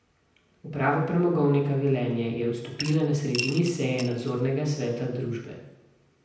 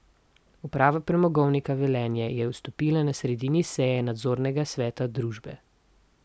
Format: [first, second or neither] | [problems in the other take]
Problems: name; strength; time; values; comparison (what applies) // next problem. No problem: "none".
second | background sound (Coin (dropping) / Glass); 11 dB below the speech // room echo; dies away in 0.9 s